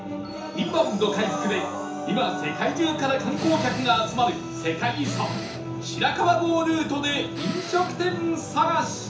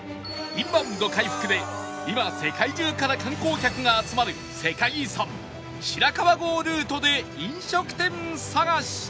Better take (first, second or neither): second